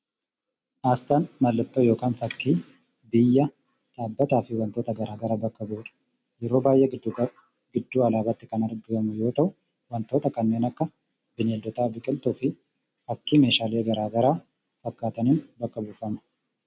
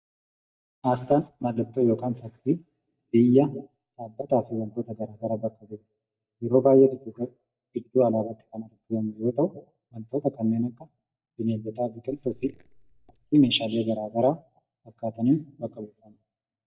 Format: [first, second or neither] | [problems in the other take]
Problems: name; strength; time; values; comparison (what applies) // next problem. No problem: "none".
first | noise reduction (neural mask model DeepFilterNet 3)